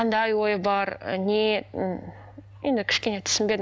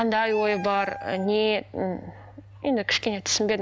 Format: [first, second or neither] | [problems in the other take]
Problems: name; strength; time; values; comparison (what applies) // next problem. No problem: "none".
first | background sound (Meow); 15 dB below the speech